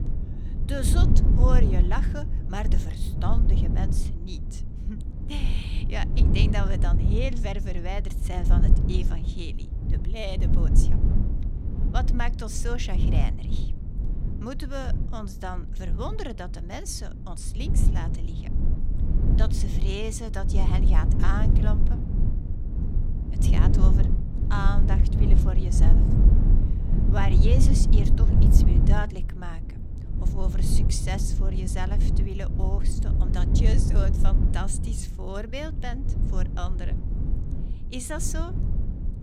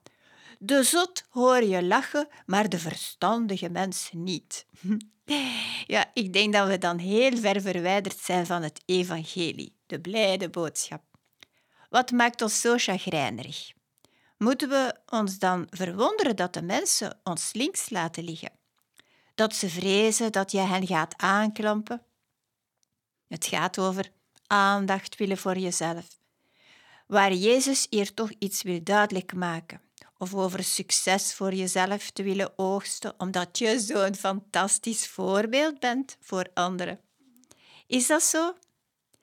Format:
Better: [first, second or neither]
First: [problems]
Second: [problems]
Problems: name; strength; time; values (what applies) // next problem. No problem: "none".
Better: second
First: low rumble; loud; throughout; 3 dB below the speech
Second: none